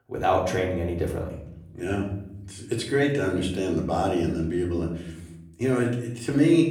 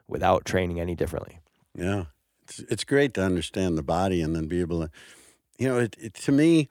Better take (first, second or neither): second